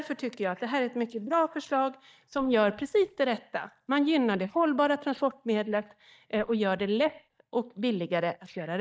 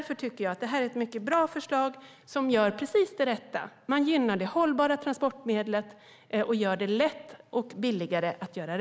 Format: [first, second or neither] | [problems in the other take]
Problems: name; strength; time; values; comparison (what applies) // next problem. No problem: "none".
second | noise reduction (neural mask model DeepFilterNet 3)